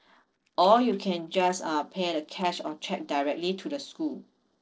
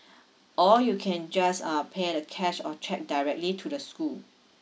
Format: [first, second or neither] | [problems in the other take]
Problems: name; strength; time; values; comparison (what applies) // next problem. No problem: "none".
second | noise reduction (neural separator model SepFormer DNS4)